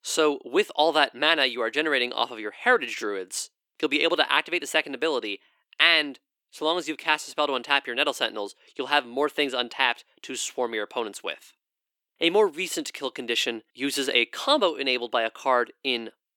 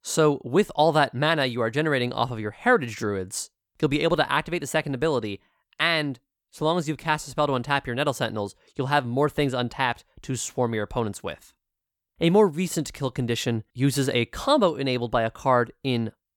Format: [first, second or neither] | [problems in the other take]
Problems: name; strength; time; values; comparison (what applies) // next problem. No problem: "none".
second | thin; somewhat; fading below 300 Hz